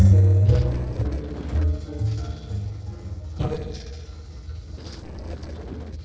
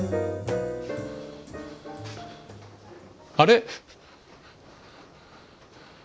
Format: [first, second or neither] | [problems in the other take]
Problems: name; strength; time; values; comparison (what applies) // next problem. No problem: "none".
second | noise reduction (neural separator model SepFormer DNS4)